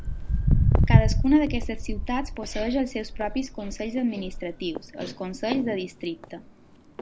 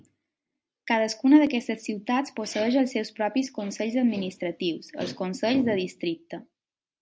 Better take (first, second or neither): second